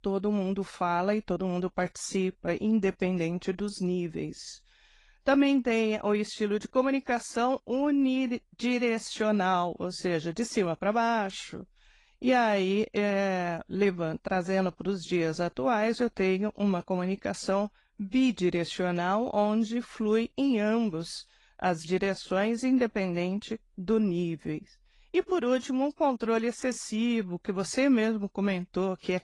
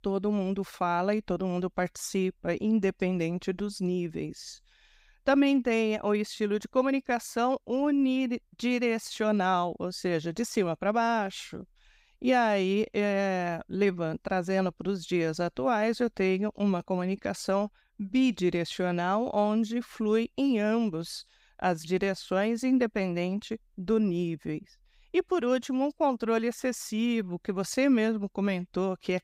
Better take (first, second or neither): second